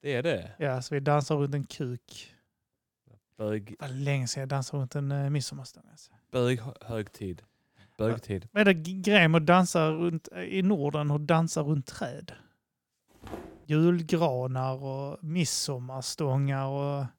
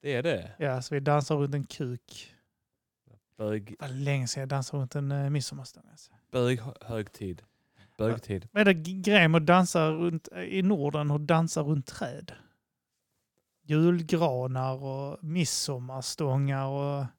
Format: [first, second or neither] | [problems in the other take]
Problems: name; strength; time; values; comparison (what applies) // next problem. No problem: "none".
second | footsteps; faint; at 13 s; peak 15 dB below the speech